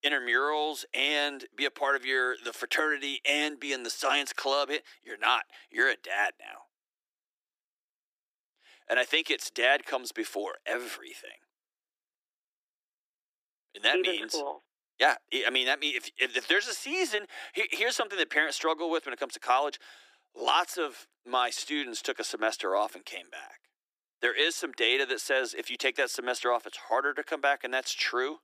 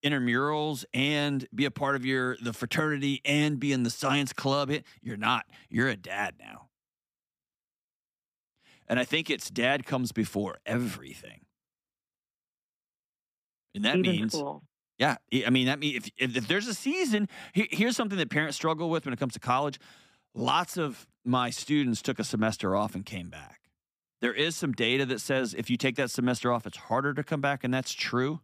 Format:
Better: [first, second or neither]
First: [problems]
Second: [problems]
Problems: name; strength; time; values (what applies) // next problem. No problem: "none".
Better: second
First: thin; very; fading below 350 Hz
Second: none